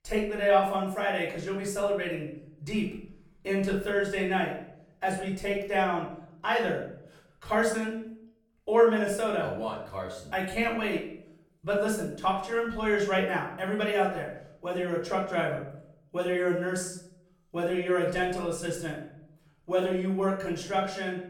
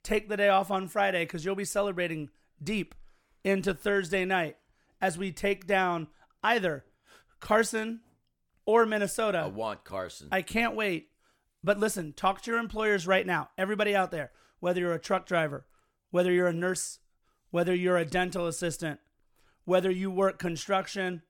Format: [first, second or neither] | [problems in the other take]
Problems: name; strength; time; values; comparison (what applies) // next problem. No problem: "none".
second | off-mic speech; far // room echo; noticeable; dies away in 0.6 s